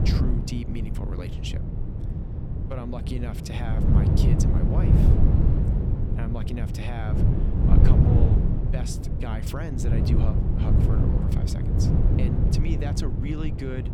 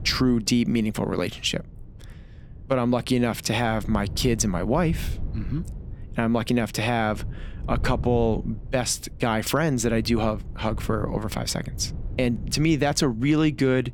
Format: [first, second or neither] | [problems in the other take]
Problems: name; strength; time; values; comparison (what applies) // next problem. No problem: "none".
second | wind noise on the microphone; heavy; 3 dB above the speech; occasional gusts in the second